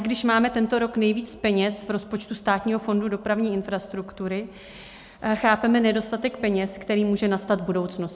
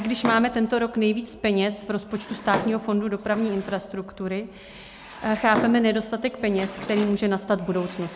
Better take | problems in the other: first | background sound (Drawer open or close); 12 dB below the speech

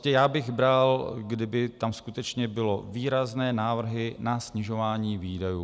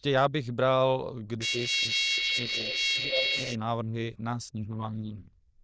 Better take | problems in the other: first | noise reduction (neural diffusion model UNIVERSE++)

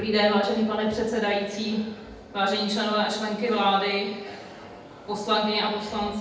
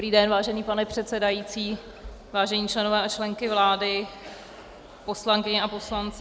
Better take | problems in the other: second | room echo; dies away in 0.8 s

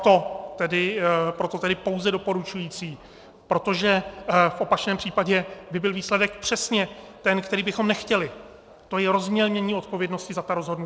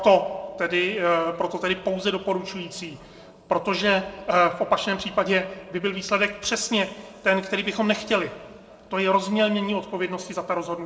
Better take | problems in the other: first | room echo; dies away in 1.8 s

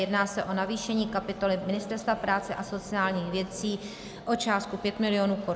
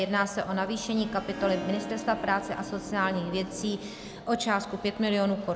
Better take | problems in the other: first | background sound (Harp); 12 dB below the speech

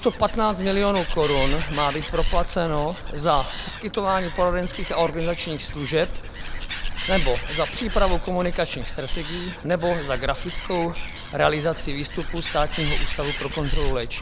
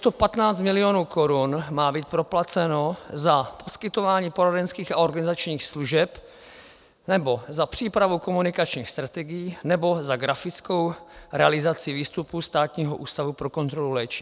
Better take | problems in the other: second | background sound (Animal); 2 dB below the speech

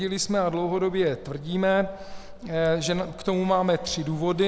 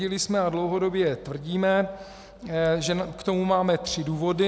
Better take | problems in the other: second | background sound (Gull, seagull / Fowl); 17 dB below the speech

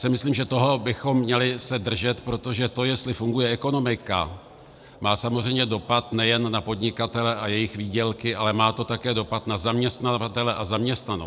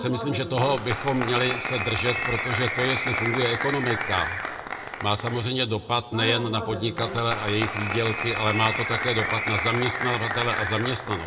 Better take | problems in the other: first | background sound (Applause); 3 dB below the speech // room echo; dies away in 0.8 s

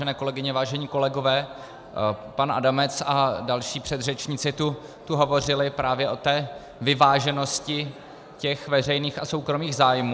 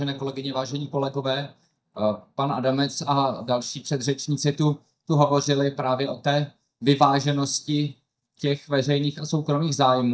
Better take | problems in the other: first | noise reduction (neural mask model DeepFilterNet 3)

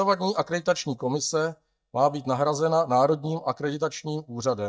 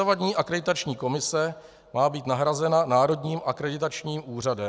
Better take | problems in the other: second | noise reduction (neural mask model DeepFilterNet 3)

